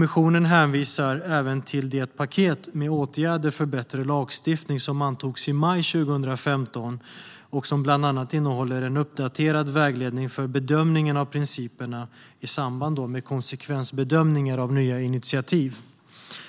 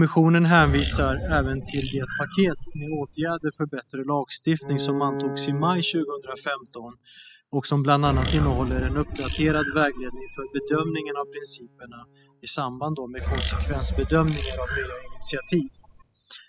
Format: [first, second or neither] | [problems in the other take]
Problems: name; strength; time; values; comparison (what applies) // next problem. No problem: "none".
first | noise reduction (classical method spectral subtraction)